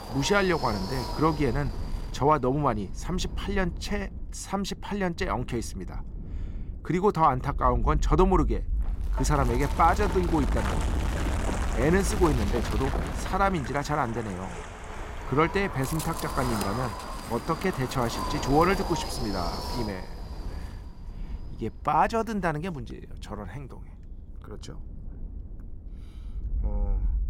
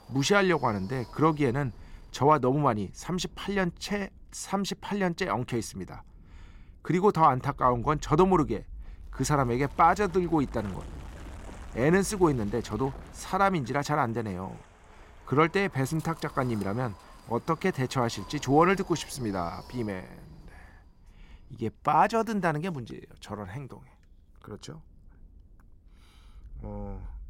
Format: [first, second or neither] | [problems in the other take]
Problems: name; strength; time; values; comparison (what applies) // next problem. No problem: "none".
second | wind noise on the microphone; heavy; 8 dB below the speech; occasional gusts in the second